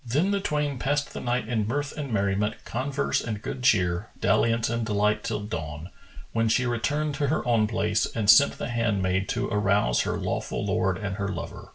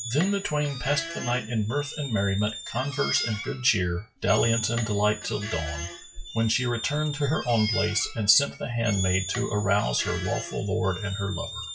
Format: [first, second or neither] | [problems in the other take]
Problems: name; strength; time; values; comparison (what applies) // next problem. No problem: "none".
first | noise reduction (classical method log-MMSE)